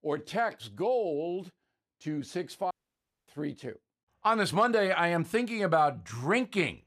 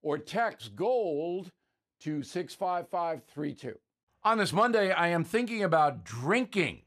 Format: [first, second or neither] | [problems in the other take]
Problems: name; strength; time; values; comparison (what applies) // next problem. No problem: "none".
second | audio cutting out; at 2.5 s for 0.5 s